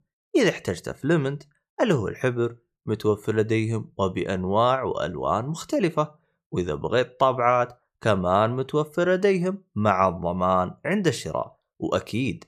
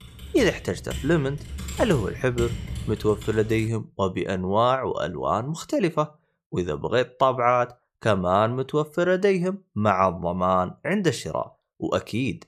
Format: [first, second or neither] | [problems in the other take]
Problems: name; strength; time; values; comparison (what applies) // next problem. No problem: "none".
first | keyboard typing; noticeable; until 3.5 s; peak 8 dB below the speech